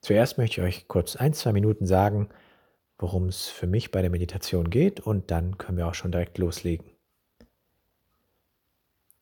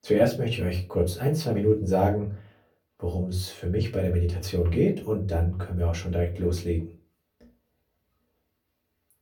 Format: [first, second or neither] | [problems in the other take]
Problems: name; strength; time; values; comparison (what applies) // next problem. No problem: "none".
first | off-mic speech; far // room echo; very slight; dies away in 0.3 s